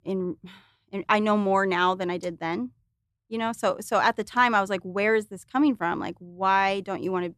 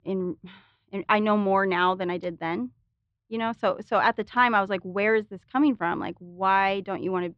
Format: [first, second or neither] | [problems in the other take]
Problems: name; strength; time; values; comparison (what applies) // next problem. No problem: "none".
first | muffled; very slightly; fading above 4 kHz